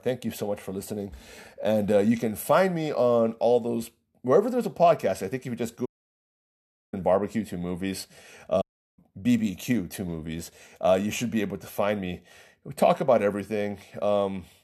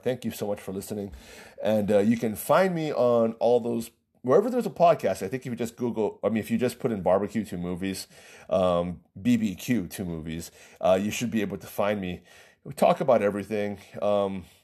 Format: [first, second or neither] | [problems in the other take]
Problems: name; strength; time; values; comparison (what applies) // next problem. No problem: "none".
second | audio cutting out; at 6 s for 1 s and at 8.5 s